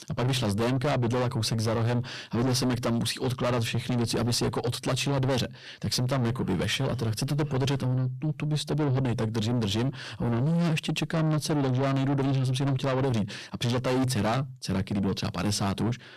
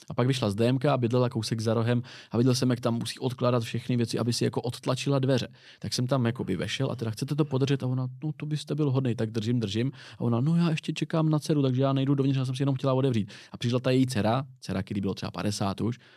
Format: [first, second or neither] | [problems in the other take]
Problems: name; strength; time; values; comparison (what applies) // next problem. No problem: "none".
second | distortion; heavy; 6 dB below the speech